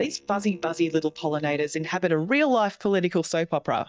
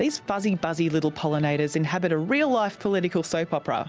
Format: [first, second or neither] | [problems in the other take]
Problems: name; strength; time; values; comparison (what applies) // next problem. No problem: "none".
second | noise reduction (neural mask model DeepFilterNet 3)